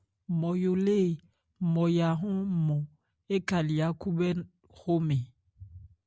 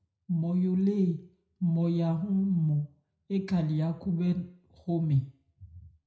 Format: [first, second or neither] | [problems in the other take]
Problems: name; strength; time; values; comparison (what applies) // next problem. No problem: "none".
first | room echo; dies away in 0.5 s